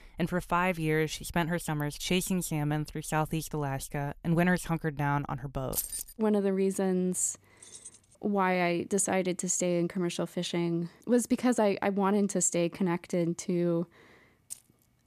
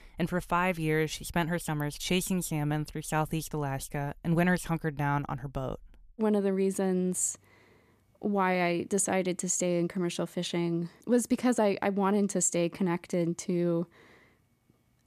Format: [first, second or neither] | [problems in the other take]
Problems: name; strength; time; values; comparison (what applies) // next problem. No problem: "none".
second | jangling keys; noticeable; at 5.5 s; peak 3 dB below the speech // jangling keys; faint; at 7.5 s and at 14 s; peak 15 dB below the speech